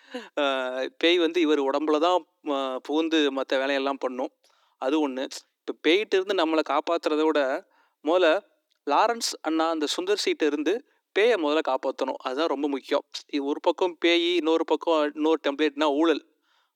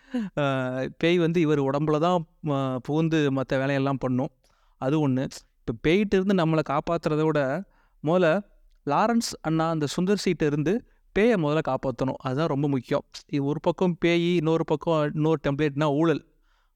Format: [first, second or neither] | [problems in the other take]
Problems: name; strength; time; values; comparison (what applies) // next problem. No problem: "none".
second | thin; somewhat; fading below 300 Hz